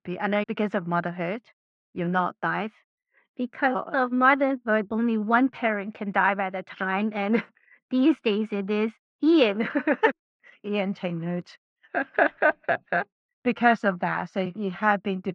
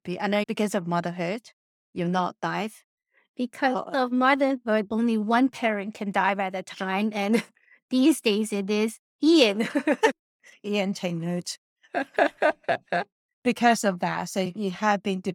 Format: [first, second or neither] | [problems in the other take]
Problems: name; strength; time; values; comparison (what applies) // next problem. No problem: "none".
second | muffled; very; fading above 3 kHz